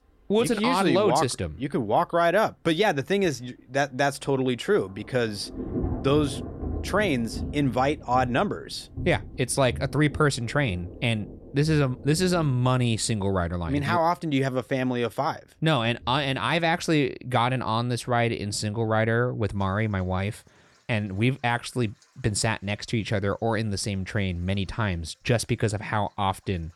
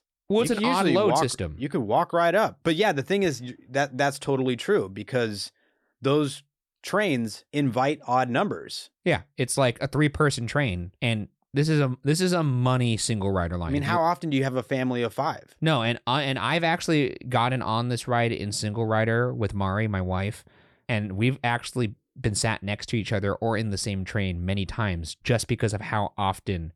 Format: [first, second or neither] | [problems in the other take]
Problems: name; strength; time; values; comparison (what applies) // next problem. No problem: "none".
second | rain or running water; noticeable; throughout; 10 dB below the speech